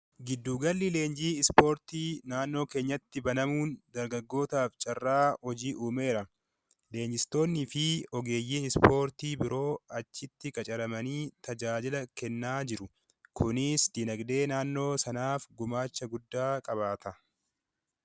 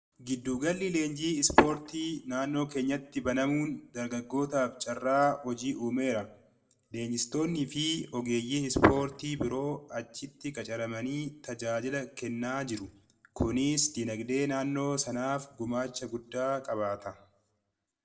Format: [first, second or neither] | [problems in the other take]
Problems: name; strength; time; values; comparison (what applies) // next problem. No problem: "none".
first | room echo; dies away in 0.3 s